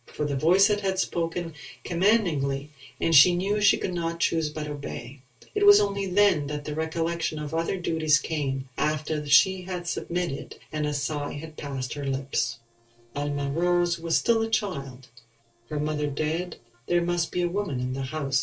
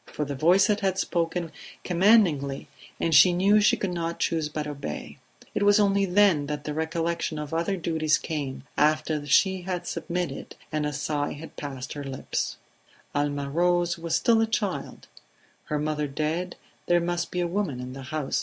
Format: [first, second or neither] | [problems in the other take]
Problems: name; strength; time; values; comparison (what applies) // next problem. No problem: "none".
second | noise reduction (neural separator model SepFormer DNS4)